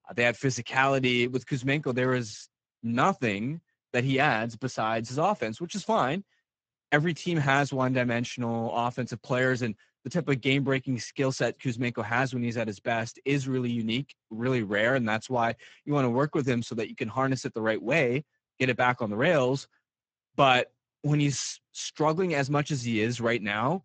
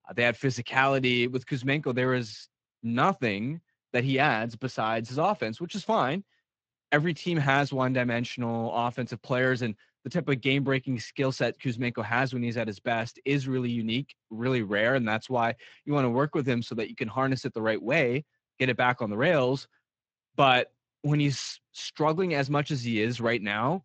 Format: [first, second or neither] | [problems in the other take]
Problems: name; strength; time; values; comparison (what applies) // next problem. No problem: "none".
second | garbled, watery; badly; nothing above 7.5 kHz; slightly in the second